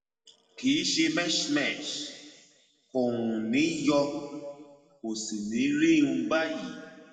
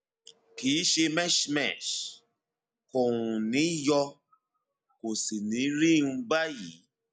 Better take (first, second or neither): second